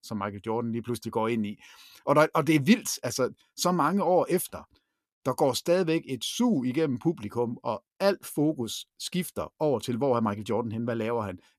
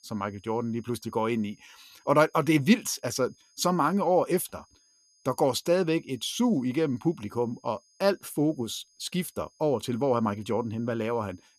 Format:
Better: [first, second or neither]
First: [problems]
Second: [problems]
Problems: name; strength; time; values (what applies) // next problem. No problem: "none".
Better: first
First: none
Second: high-pitched whine; faint; throughout; 6.5 kHz, 35 dB below the speech